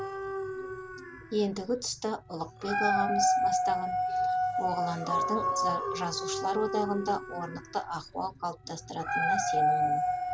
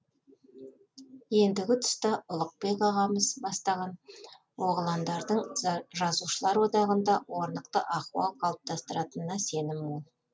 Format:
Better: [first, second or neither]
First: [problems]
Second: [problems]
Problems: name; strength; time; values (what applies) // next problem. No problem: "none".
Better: second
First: background sound (Dog); 3 dB above the speech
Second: none